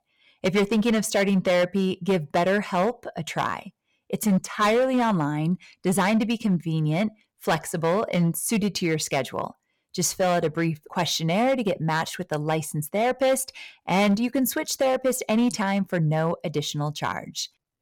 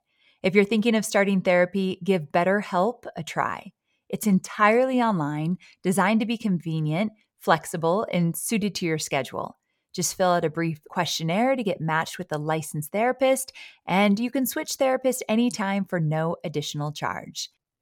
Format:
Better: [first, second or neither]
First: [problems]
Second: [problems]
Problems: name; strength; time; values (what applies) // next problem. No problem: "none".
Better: second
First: distortion; slight; 7% of the sound clipped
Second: none